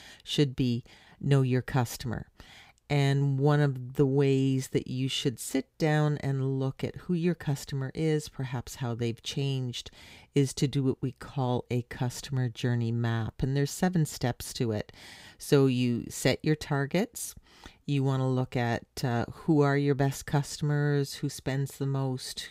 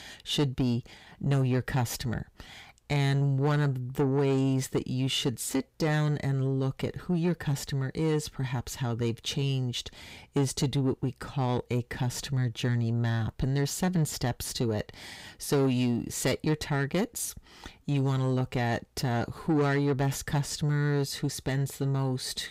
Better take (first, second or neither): first